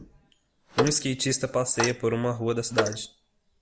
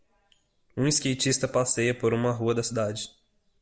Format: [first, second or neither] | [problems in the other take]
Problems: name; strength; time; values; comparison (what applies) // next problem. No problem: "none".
second | background sound (Clock); 5 dB below the speech